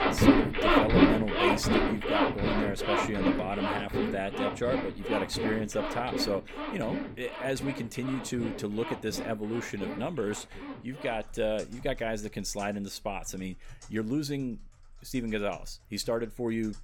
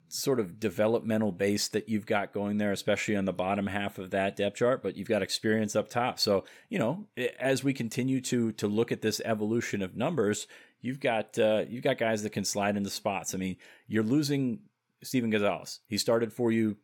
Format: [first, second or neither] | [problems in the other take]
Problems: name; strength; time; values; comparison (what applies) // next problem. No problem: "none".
second | household noises; very loud; throughout; 4 dB above the speech